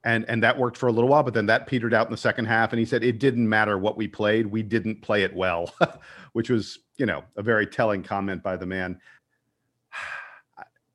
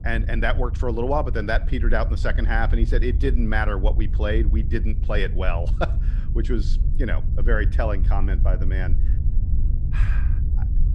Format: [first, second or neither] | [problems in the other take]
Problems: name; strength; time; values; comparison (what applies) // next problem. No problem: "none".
first | low rumble; noticeable; throughout; 15 dB below the speech